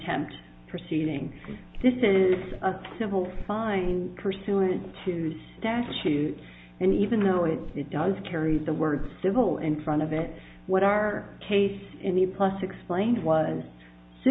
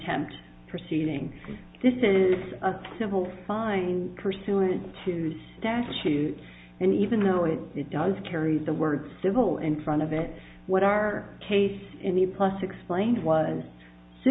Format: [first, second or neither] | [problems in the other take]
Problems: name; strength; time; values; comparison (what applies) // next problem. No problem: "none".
second | background sound (Walk, footsteps); 14 dB below the speech